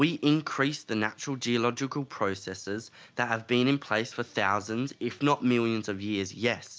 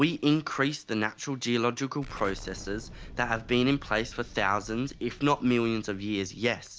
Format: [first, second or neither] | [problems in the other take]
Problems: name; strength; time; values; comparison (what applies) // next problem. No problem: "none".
first | background sound (Explosion); 18 dB below the speech